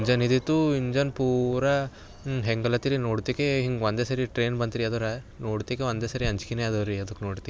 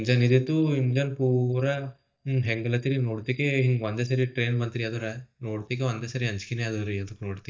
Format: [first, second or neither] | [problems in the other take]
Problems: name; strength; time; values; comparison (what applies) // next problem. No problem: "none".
first | noise reduction (neural mask model DeepFilterNet 3)